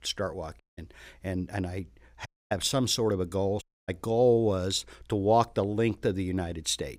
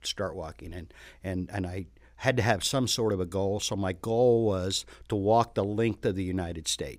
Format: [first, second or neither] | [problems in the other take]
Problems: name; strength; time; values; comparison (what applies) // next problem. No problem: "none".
second | audio cutting out; at 0.5 s, at 2.5 s and at 3.5 s